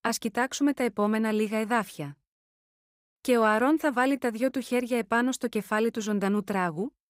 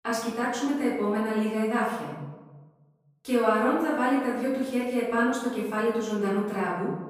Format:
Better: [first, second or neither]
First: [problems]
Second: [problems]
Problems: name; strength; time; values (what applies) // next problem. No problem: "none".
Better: first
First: none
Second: off-mic speech; far // room echo; noticeable; dies away in 1.1 s